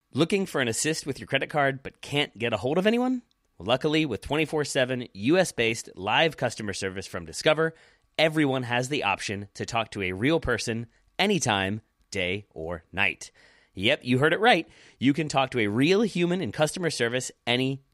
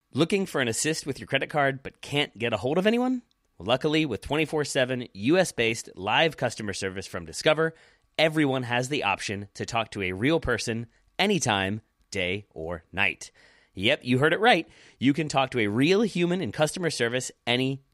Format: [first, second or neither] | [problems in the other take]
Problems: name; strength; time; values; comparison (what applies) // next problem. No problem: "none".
neither | none